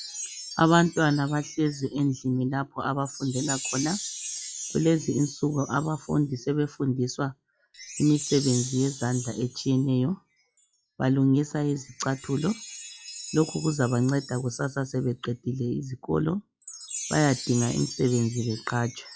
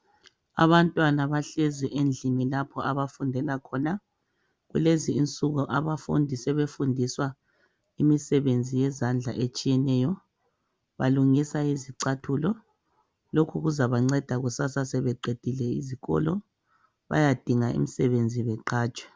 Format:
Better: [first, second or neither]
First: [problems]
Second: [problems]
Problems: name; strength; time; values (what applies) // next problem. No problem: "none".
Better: second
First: noise reduction (classical method log-MMSE)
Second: none